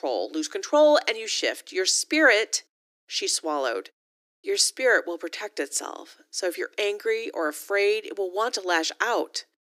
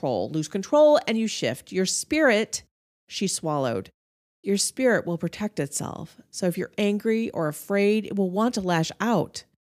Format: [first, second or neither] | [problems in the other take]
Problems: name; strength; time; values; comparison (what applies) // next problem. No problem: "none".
second | thin; very; fading below 300 Hz